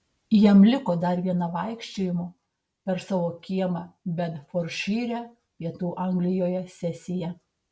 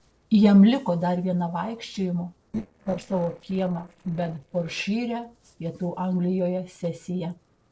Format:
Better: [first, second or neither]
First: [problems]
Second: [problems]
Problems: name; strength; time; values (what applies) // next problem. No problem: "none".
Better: first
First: none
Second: noise reduction (neural separator model SepFormer DNS4)